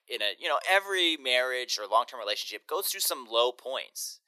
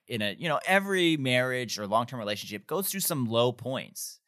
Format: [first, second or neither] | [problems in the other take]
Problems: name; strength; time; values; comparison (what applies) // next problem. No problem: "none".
second | thin; very; fading below 350 Hz